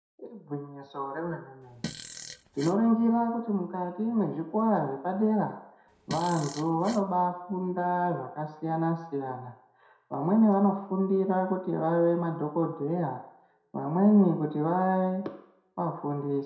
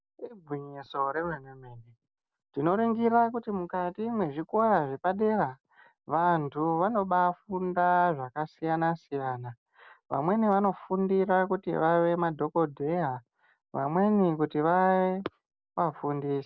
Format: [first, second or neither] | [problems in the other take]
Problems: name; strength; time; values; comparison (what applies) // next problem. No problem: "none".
second | background sound (Fart); 14 dB below the speech // room echo; dies away in 0.5 s